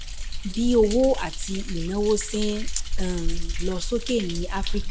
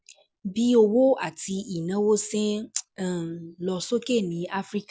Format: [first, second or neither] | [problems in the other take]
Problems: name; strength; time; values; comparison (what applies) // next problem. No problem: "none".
second | background sound (Thunder); as loud as the speech